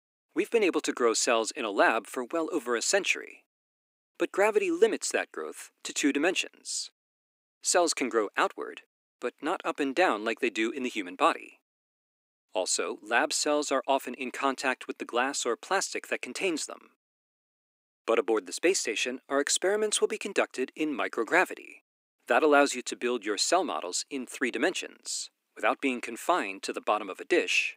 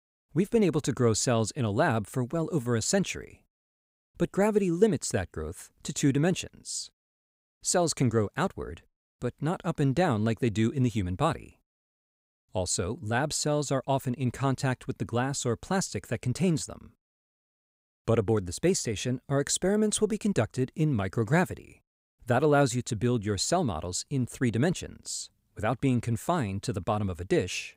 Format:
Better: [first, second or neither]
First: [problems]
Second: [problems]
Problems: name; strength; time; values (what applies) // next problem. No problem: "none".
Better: second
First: thin; somewhat; fading below 300 Hz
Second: none